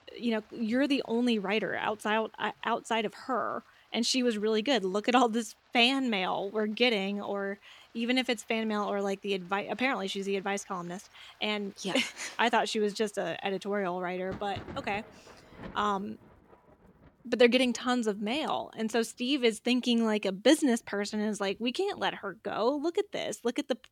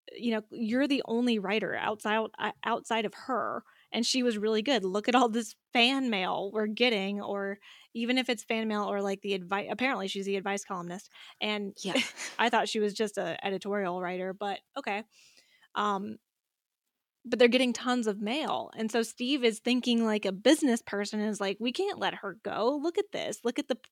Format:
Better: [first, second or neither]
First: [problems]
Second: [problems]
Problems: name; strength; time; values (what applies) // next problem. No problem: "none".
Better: second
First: rain or running water; faint; throughout; 25 dB below the speech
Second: none